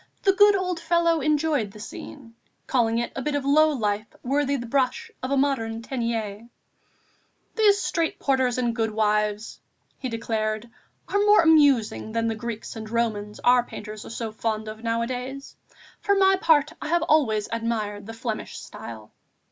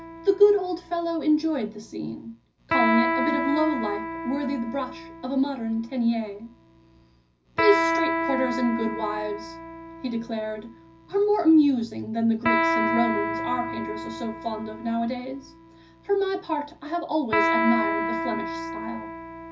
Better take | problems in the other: first | background sound (Electric guitar); 3 dB below the speech // room echo; dies away in 0.4 s

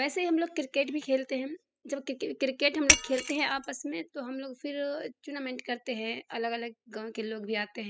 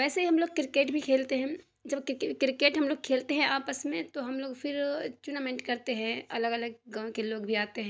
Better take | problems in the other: second | noise reduction (classical method spectral subtraction)

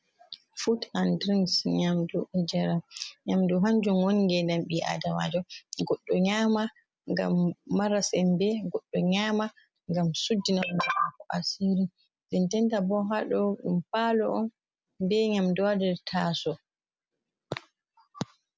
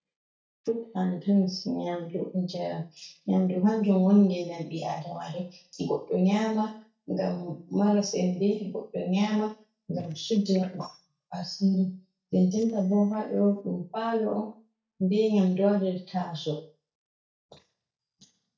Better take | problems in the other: first | noise reduction (neural mask model DeepFilterNet 3)

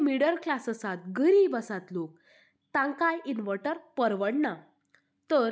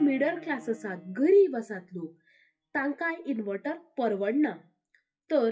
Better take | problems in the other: first | noise reduction (classical method WPE with log-MMSE)

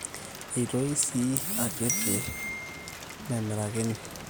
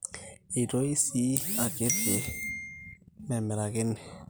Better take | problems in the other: second | background sound (Rain); 12 dB below the speech

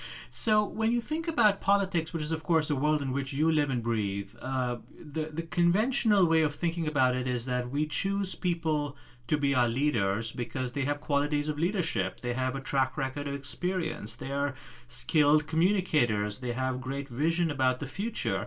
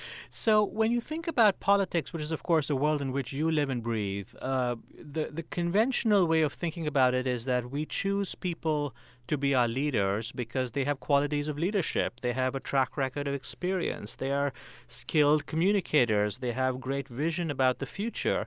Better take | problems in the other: second | room echo; dies away in 0.2 s

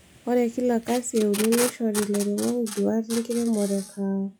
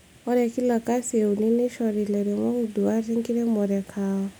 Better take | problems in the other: second | noise reduction (classical method log-MMSE)

